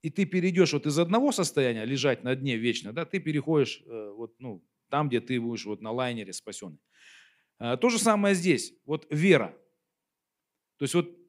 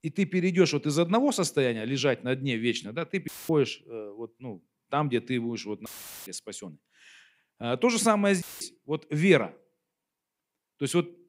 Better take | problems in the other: first | audio cutting out; filled with static; at 3.5 s, at 6 s and at 8.5 s

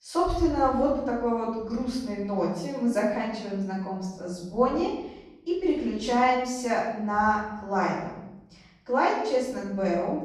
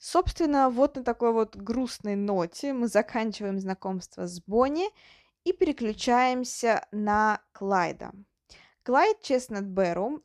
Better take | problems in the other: second | off-mic speech; far // room echo; noticeable; dies away in 1 s

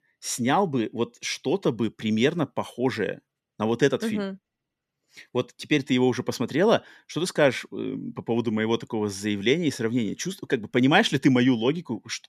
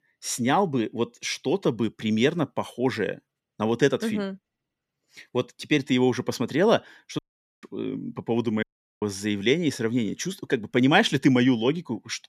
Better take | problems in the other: first | audio cutting out; at 7 s and at 8.5 s

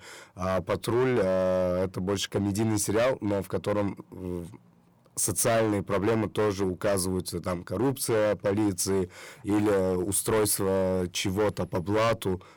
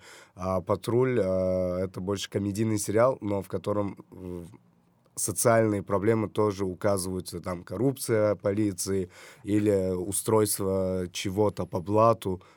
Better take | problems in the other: second | distortion; heavy; 13% of the sound clipped

